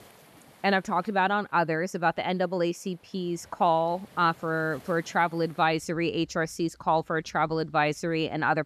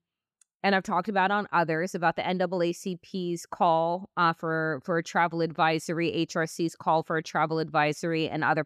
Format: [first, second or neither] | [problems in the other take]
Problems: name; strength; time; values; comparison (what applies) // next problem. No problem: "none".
second | rain or running water; faint; throughout; 30 dB below the speech